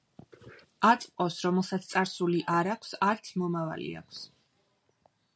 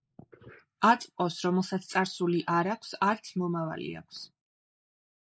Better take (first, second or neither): first